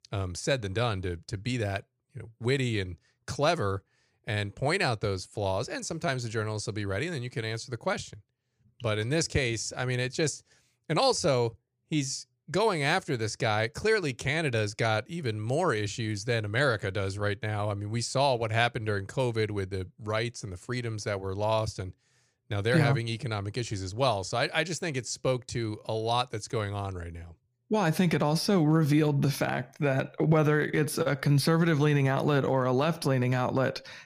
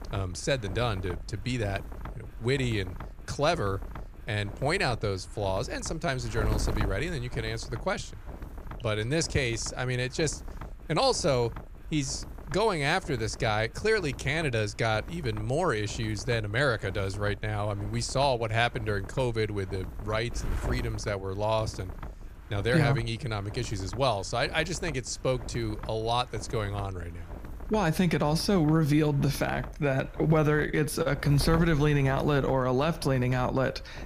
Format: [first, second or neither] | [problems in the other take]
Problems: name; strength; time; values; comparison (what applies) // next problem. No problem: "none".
first | wind noise on the microphone; occasional gusts; 15 dB below the speech